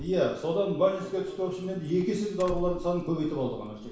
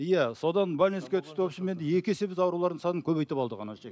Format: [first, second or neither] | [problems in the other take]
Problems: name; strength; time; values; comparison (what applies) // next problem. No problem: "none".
second | background sound (Doorbell); 14 dB below the speech // room echo; dies away in 0.7 s